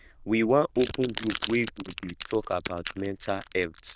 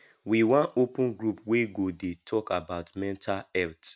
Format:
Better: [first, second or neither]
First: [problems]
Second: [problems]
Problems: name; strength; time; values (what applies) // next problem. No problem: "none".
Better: second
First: noise reduction (neural diffusion model UNIVERSE++)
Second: none